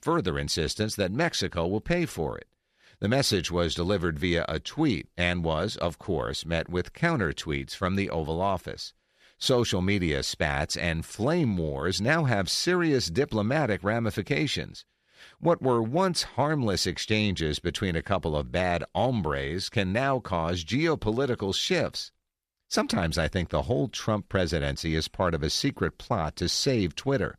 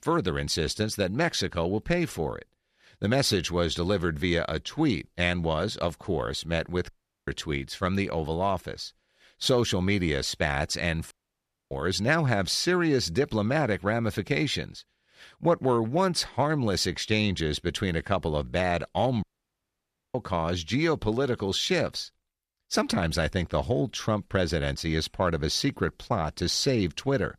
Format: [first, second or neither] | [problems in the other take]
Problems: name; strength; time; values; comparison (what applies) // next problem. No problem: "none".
first | audio cutting out; at 7 s, at 11 s for 0.5 s and at 19 s for 1 s